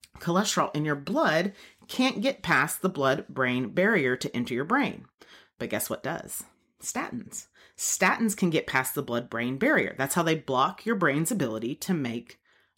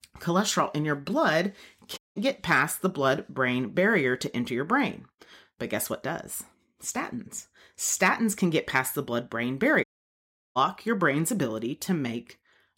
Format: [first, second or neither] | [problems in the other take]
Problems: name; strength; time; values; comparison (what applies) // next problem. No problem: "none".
first | audio cutting out; at 2 s and at 10 s for 0.5 s